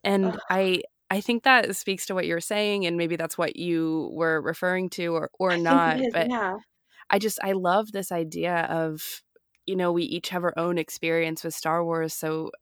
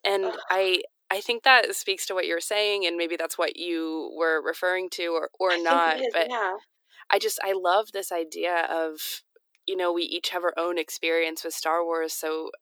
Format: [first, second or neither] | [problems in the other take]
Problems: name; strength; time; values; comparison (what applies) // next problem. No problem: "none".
first | thin; very; fading below 350 Hz